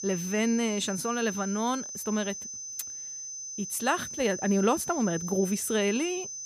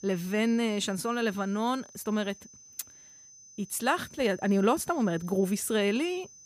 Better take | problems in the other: second | high-pitched whine; loud; throughout; 6 kHz, 7 dB below the speech; faint in the second

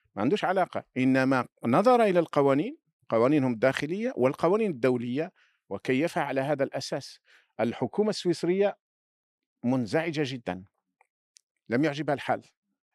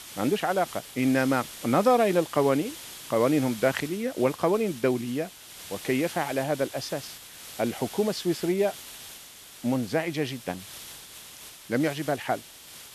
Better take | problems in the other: first | hiss; noticeable; throughout; 15 dB below the speech

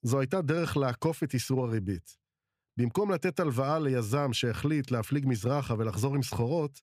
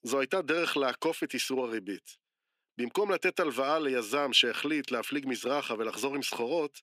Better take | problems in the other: first | thin; somewhat; fading below 300 Hz

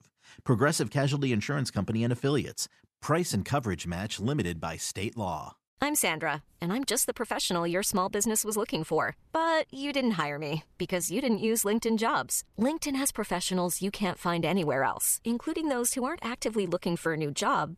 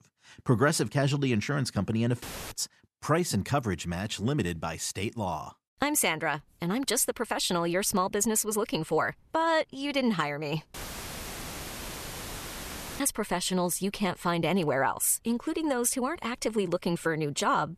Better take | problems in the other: first | audio cutting out; filled with static; at 2 s and at 11 s for 2.5 s

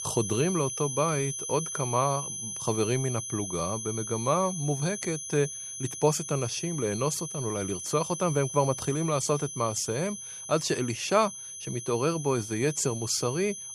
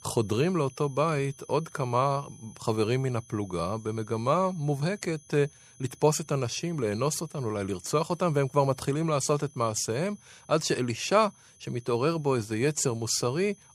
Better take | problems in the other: second | high-pitched whine; loud; throughout; 6 kHz, 6 dB below the speech; faint in the second

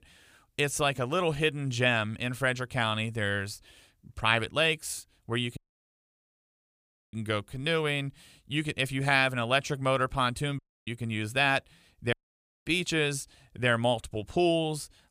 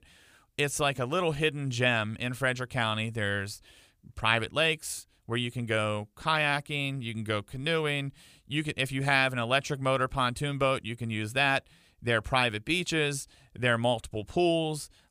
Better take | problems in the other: second | audio cutting out; at 5.5 s for 1.5 s, at 11 s and at 12 s for 0.5 s

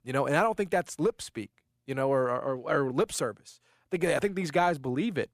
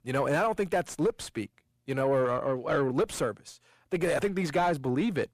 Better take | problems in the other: first | distortion; slight; 10 dB below the speech

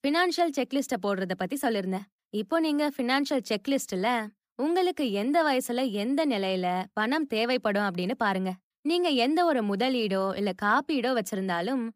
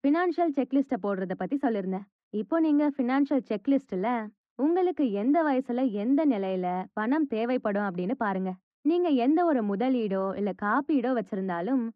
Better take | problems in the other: first | muffled; very; fading above 1.5 kHz

